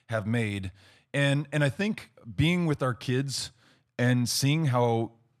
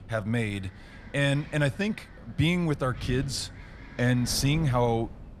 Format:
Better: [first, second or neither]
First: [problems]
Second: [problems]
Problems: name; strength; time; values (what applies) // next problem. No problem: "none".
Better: first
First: none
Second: wind noise on the microphone; occasional gusts; 20 dB below the speech